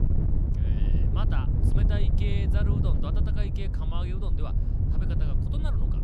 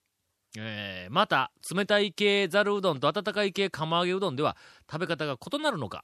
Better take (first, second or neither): second